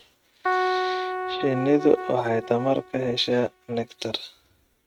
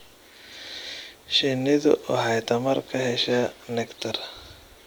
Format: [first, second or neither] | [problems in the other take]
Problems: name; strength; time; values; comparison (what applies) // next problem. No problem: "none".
second | noise reduction (neural mask model RNNoise)